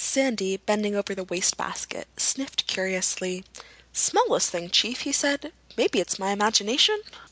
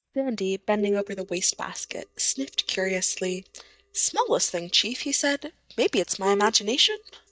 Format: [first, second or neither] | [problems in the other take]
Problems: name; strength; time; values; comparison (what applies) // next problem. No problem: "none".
first | noise reduction (neural mask model DeepFilterNet 3)